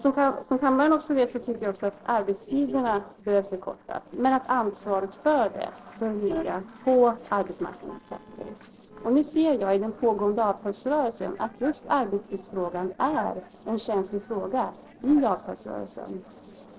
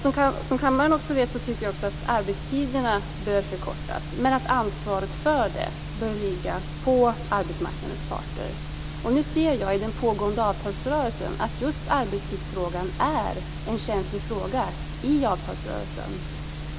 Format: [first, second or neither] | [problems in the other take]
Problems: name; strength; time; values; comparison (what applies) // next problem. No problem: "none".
second | noise reduction (neural separator model SepFormer DNS4)